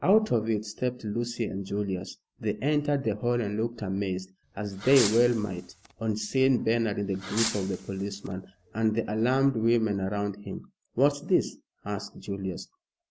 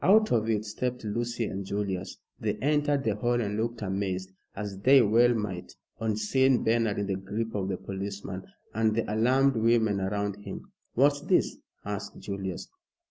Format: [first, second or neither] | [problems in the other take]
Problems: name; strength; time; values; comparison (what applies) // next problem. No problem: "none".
second | background sound (Fireworks); 11 dB below the speech